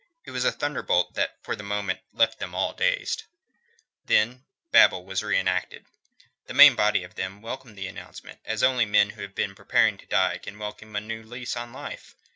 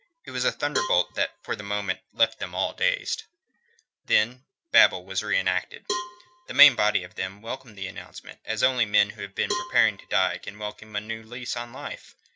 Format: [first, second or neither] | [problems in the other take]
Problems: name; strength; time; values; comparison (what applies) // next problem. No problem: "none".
first | background sound (Cowbell); 10 dB below the speech